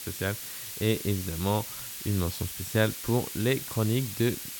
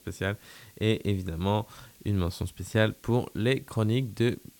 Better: second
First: hiss; loud; throughout; 6 dB below the speech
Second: hiss; faint; throughout; 25 dB below the speech

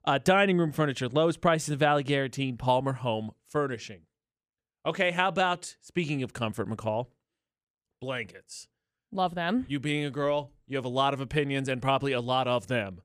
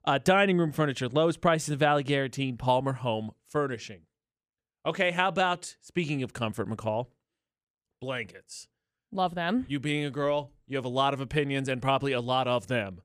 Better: neither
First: none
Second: none

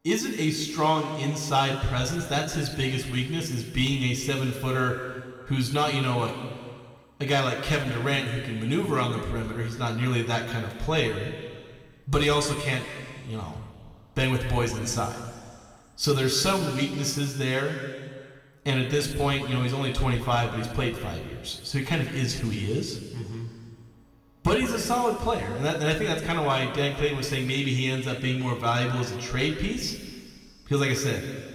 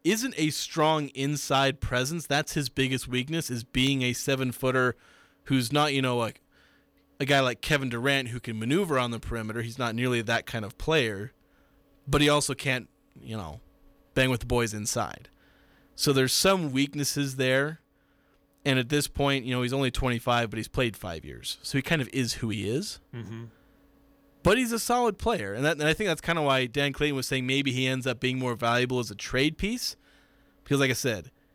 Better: second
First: room echo; noticeable; dies away in 1.9 s // off-mic speech; somewhat distant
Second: none

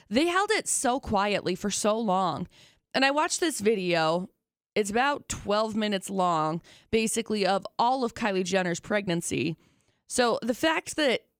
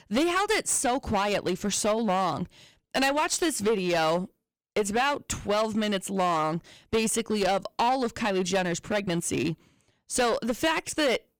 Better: first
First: none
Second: distortion; slight; 9% of the sound clipped

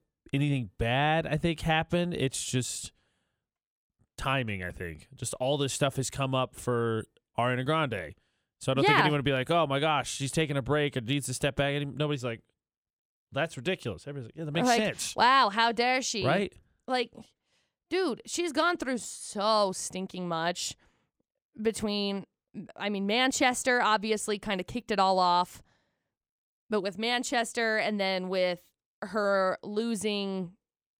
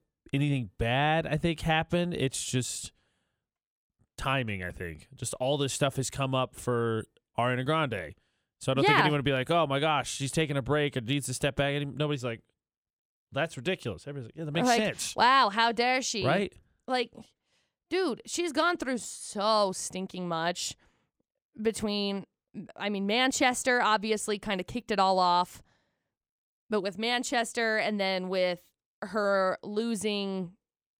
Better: neither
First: none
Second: none

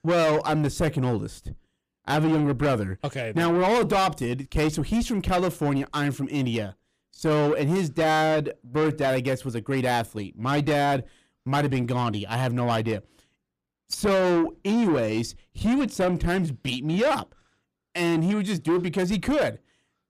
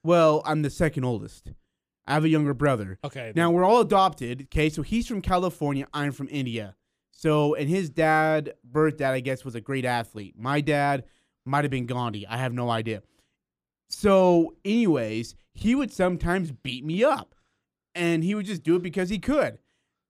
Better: second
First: distortion; heavy; 8 dB below the speech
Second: none

